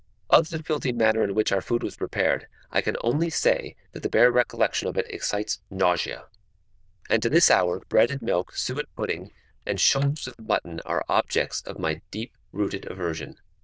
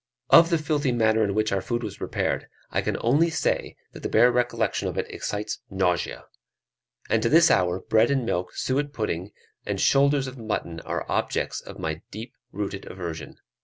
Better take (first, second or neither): second